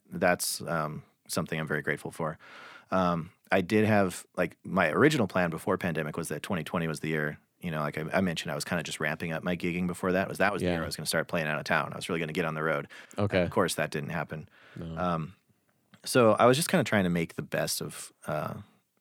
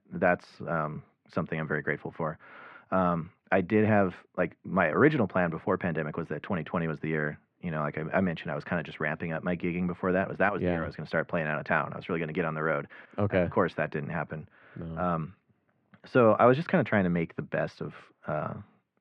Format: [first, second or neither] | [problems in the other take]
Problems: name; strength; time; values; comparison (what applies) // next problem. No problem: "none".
first | muffled; very; fading above 2 kHz